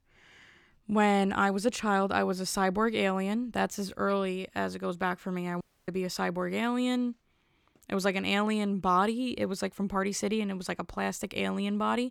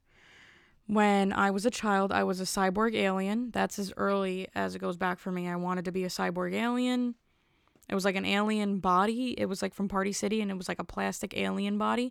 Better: second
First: audio cutting out; at 5.5 s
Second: none

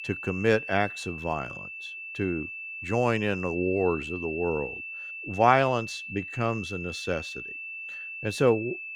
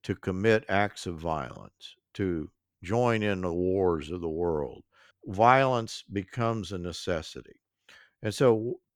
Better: second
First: high-pitched whine; loud; throughout; 2.5 kHz, 8 dB below the speech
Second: none

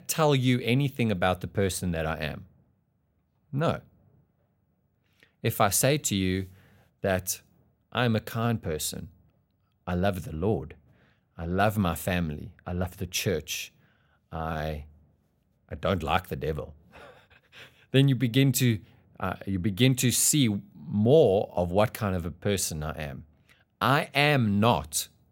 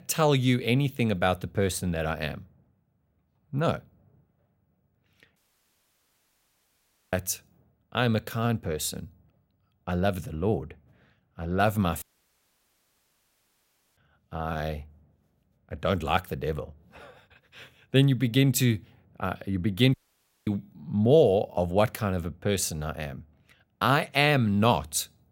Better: first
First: none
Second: audio cutting out; at 5.5 s for 2 s, at 12 s for 2 s and at 20 s for 0.5 s

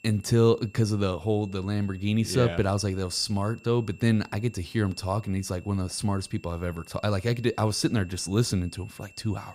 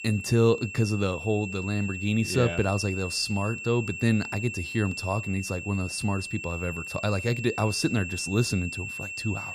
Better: first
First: high-pitched whine; faint; throughout; 2.5 kHz, 25 dB below the speech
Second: high-pitched whine; loud; throughout; 2.5 kHz, 7 dB below the speech

